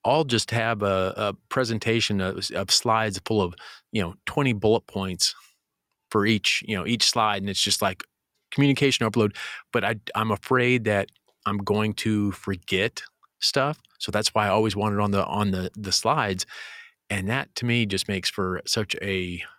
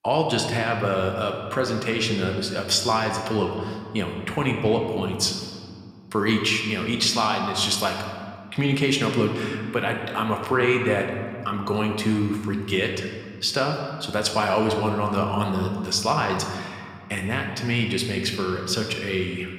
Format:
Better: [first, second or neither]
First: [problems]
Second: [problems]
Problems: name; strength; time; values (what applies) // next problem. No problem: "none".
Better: first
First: none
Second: room echo; slight; dies away in 1.6 s